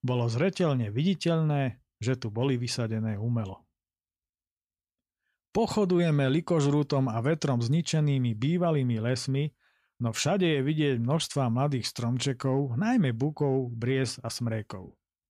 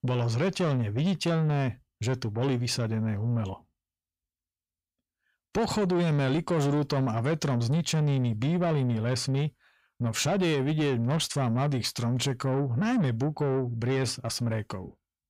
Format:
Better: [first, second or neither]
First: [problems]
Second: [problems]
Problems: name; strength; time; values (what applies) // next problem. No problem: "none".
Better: first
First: none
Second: distortion; slight; 10 dB below the speech